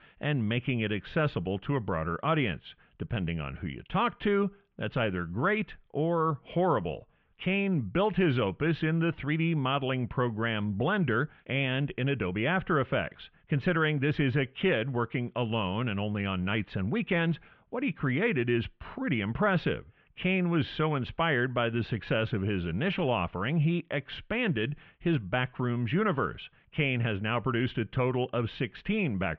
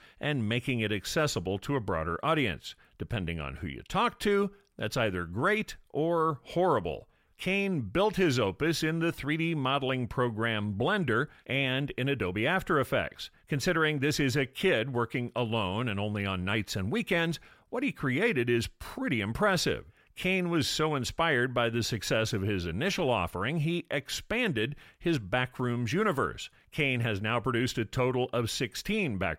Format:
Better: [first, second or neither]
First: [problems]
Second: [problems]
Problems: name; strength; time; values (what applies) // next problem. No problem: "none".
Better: second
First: muffled; very; fading above 3 kHz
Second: none